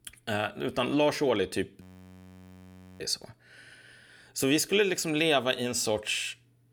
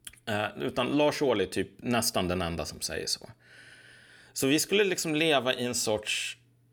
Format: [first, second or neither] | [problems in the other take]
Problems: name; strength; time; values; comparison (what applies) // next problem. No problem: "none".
second | audio freezing; at 2 s for 1 s